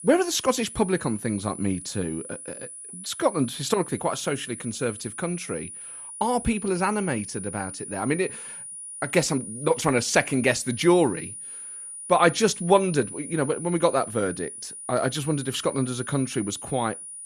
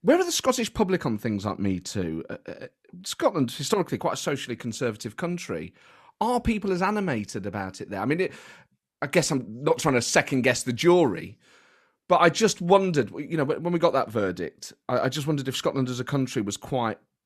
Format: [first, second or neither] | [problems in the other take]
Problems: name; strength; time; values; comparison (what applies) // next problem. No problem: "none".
second | high-pitched whine; noticeable; throughout; 9.5 kHz, 10 dB below the speech